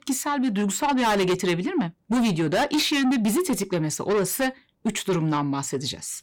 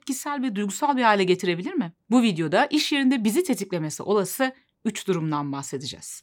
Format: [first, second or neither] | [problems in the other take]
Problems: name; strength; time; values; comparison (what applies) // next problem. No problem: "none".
second | distortion; heavy; 7 dB below the speech